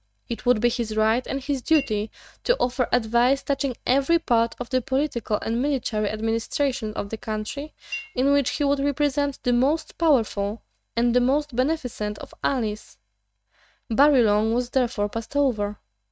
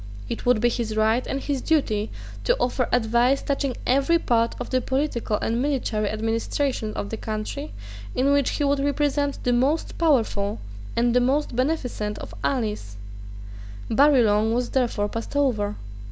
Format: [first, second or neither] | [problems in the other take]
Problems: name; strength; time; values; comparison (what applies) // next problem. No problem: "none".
second | noise reduction (neural mask model RNNoise)